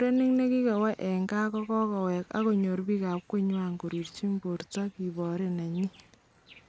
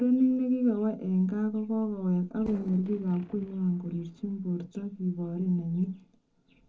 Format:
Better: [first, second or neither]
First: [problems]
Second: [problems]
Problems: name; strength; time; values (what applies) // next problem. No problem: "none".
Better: first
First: none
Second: noise reduction (neural separator model SepFormer DNS4)